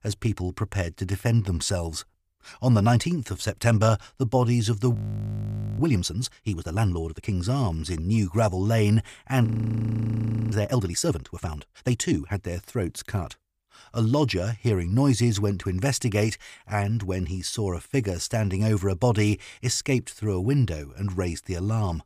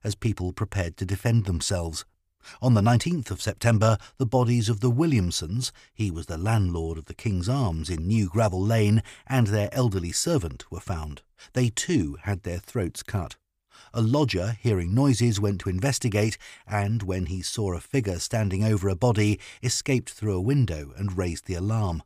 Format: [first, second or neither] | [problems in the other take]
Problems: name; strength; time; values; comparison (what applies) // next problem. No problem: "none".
second | audio freezing; at 5 s for 1 s and at 9.5 s for 1 s